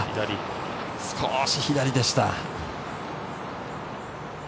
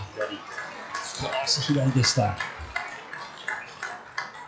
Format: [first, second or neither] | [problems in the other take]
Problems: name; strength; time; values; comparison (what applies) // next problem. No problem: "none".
first | noise reduction (classical method log-MMSE)